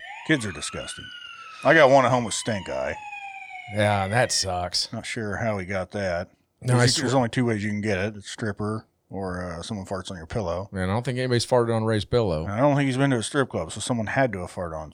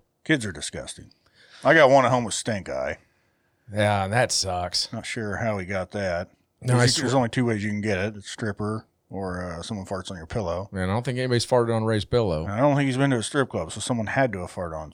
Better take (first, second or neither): second